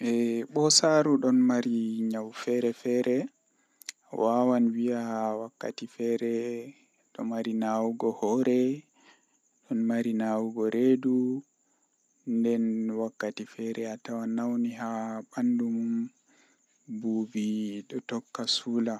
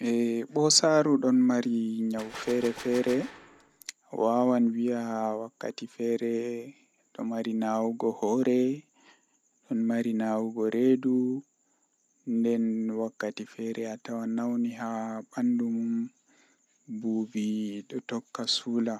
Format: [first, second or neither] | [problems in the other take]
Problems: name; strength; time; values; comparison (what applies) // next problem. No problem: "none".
first | background sound (Gunshot, gunfire); 16 dB below the speech